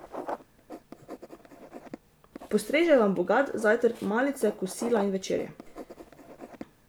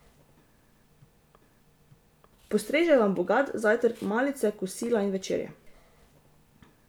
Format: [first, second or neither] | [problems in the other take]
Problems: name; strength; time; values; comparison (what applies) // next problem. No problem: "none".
second | background sound (Writing); 15 dB below the speech